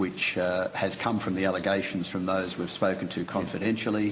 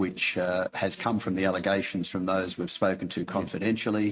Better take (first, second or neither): first